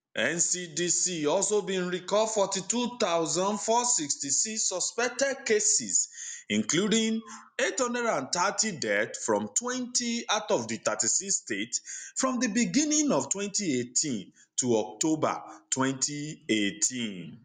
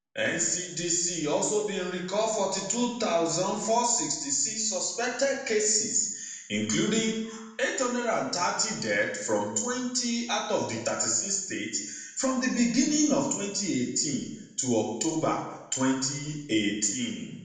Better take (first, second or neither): first